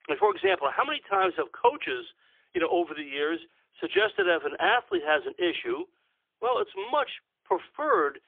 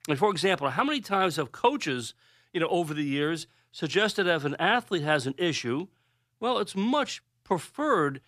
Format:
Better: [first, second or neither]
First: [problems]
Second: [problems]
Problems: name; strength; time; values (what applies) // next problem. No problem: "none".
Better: second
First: phone-call audio; poor line; nothing above 3.5 kHz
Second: none